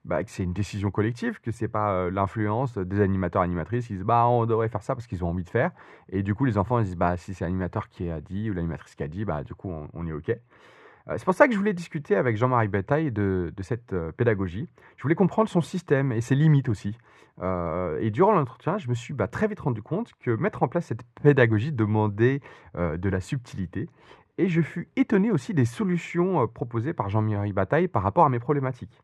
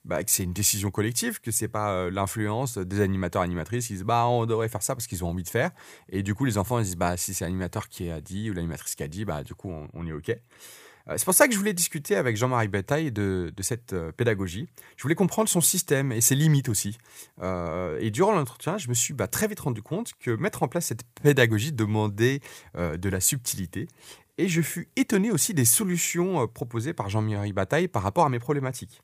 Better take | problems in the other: second | muffled; very; fading above 2 kHz

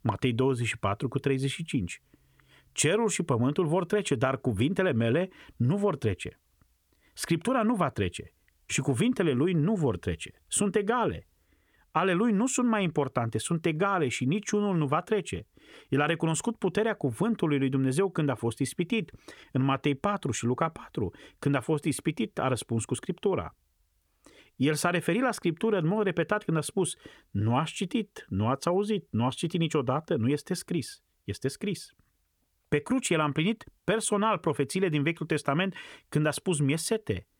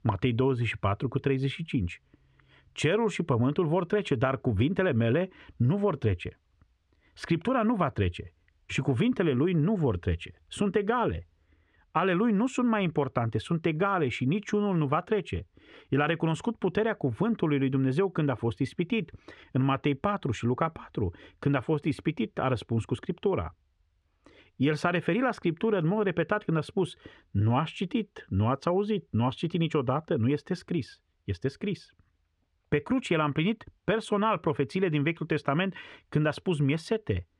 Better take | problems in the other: first | muffled; slightly; fading above 3.5 kHz

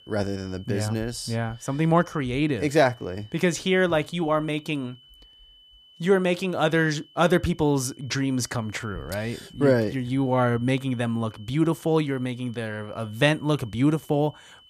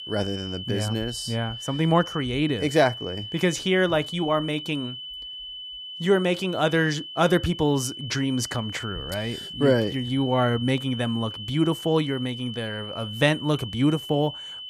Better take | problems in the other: first | high-pitched whine; loud; throughout; 3 kHz, 10 dB below the speech; faint in the first

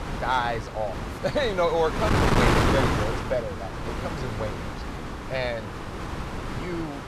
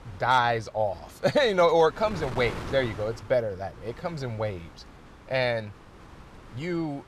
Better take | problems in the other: second | wind noise on the microphone; heavy; 1 dB below the speech; occasional gusts in the second

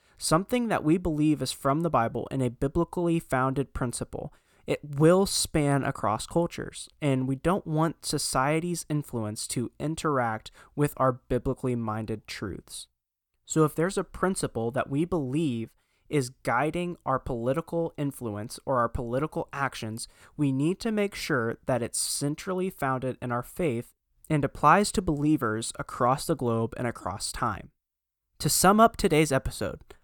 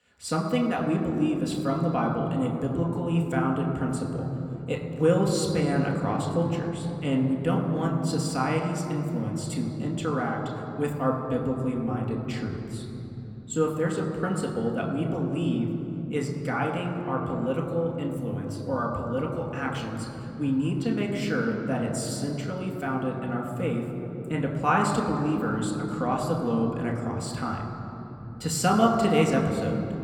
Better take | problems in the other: first | room echo; noticeable; dies away in 3 s // off-mic speech; somewhat distant

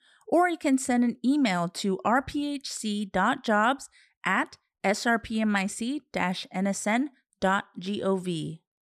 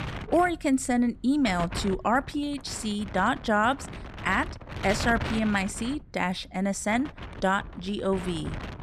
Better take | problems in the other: first | wind noise on the microphone; occasional gusts; 10 dB below the speech

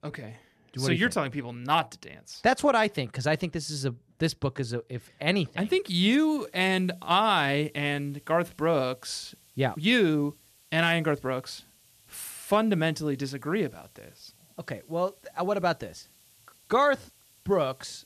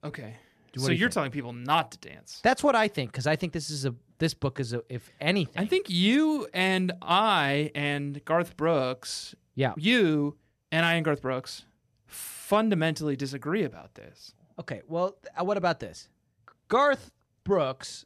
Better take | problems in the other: second | hiss; faint; from 6 s on; 30 dB below the speech

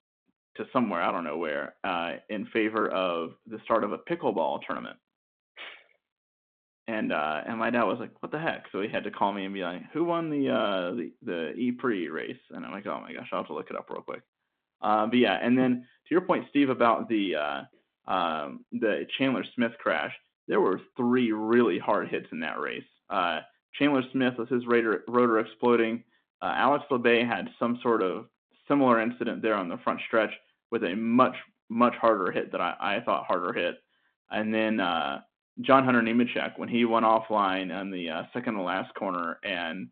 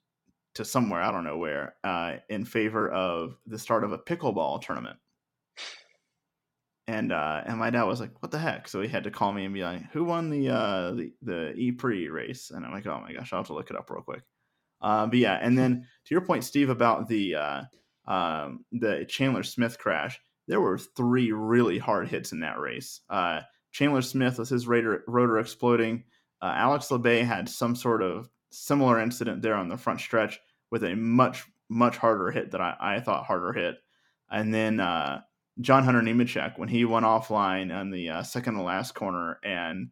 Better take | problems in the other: second | phone-call audio

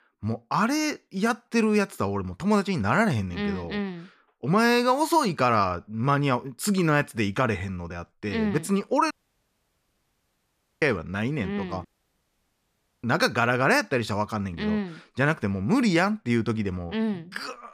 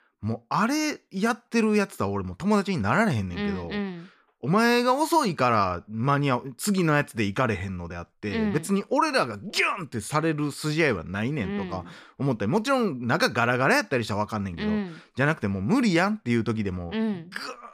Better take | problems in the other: second | audio cutting out; at 9 s for 1.5 s and at 12 s for 1 s

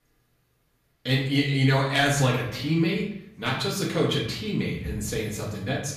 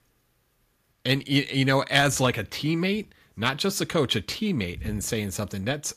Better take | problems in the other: second | room echo; noticeable; dies away in 0.6 s // off-mic speech; far

